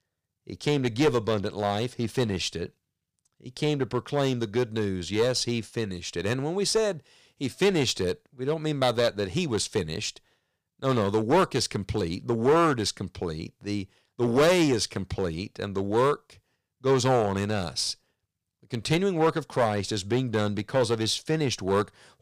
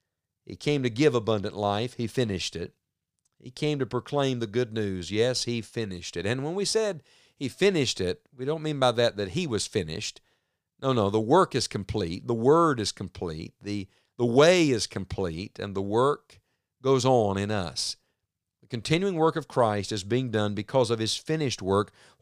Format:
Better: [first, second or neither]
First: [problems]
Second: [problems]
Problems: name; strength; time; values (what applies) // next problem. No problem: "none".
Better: second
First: distortion; slight; 4% of the sound clipped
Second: none